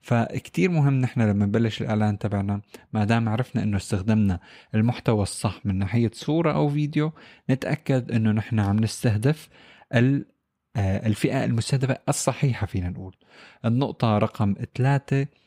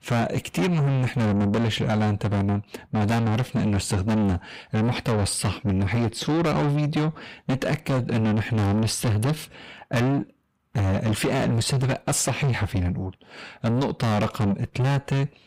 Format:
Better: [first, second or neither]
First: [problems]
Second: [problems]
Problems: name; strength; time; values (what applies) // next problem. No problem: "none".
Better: first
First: none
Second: distortion; heavy; 7 dB below the speech